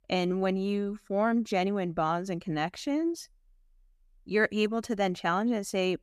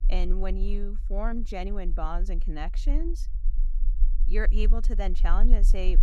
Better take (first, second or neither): first